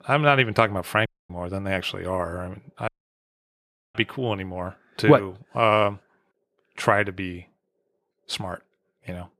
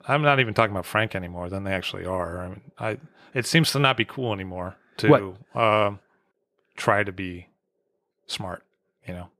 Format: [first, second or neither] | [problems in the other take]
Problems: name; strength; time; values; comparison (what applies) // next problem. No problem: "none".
second | audio cutting out; at 1 s and at 3 s for 1 s